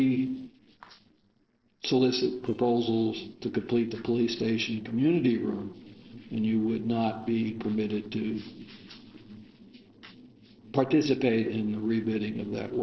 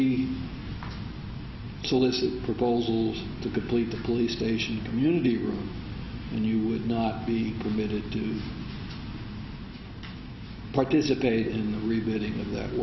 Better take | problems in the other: second | noise reduction (neural separator model SepFormer DNS4)

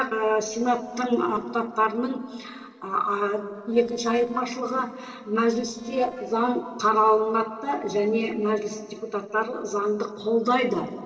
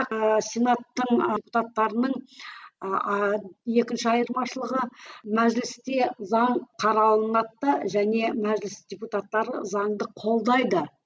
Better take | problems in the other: second | noise reduction (neural separator model SepFormer DNS4)

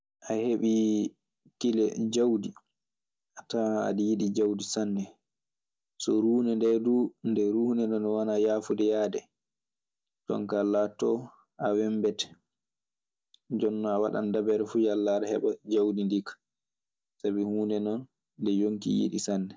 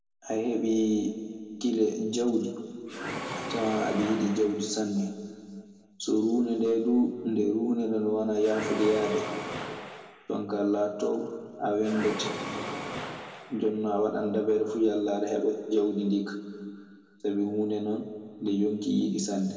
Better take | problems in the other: first | background sound (Mechanisms); 9 dB below the speech // room echo; dies away in 1.9 s

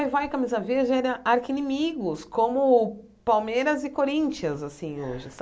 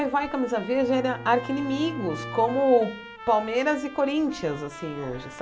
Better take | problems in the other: first | background sound (Trumpet + Bowed string instrument); 14 dB below the speech

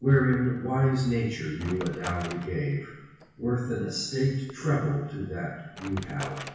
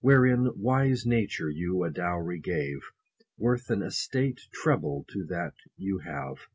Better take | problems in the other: second | background sound (Wood); 18 dB below the speech // room echo; dies away in 1.1 s

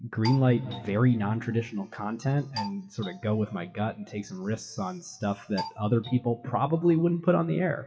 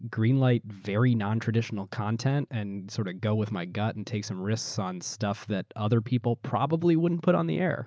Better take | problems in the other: second | noise reduction (classical method WPE with log-MMSE)

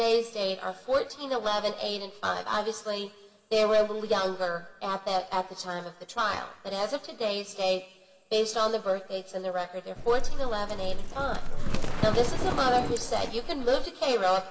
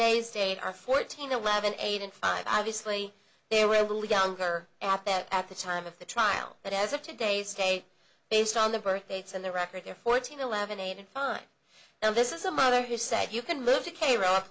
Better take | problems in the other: second | background sound (Livestock, farm animals, working animals); 2 dB above the speech // room echo; dies away in 2.7 s

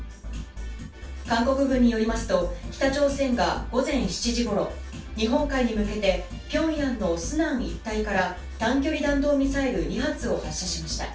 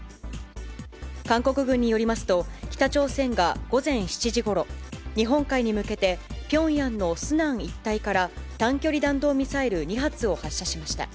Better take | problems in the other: second | room echo; dies away in 0.3 s

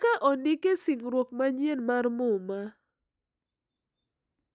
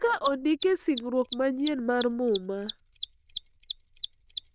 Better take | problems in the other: first | noise reduction (neural diffusion model UNIVERSE++)

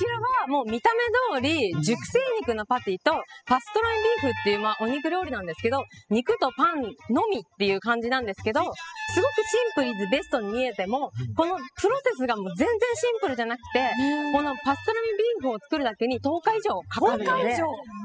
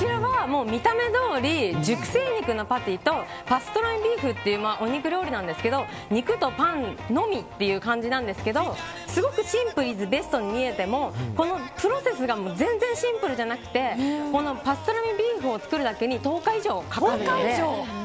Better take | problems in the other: second | noise reduction (classical method spectral subtraction)

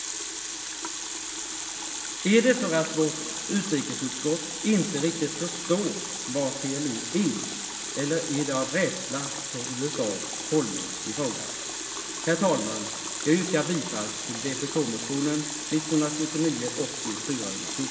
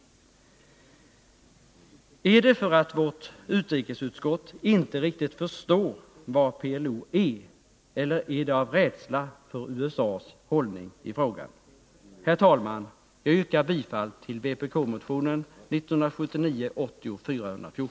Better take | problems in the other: second | background sound (Water tap, faucet); 4 dB below the speech // room echo; dies away in 2.9 s

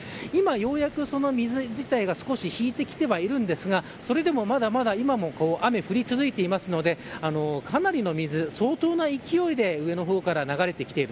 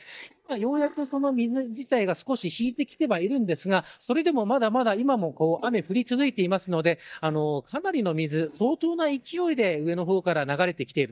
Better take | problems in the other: first | noise reduction (neural mask model DeepFilterNet 3)

